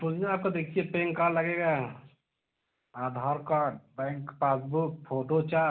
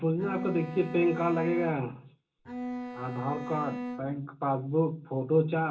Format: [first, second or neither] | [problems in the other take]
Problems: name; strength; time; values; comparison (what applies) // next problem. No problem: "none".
first | background sound (Bowed string instrument); 8 dB below the speech // room echo; dies away in 0.2 s